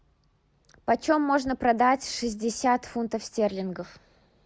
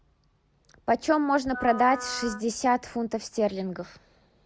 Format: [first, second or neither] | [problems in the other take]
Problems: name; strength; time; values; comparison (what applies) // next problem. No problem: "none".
first | background sound (Wind instrument, woodwind instrument); 12 dB below the speech